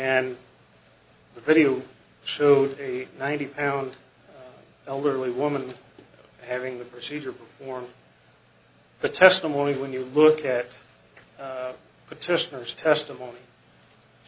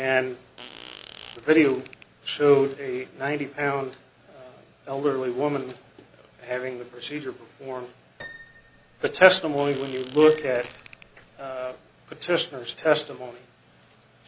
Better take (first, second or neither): first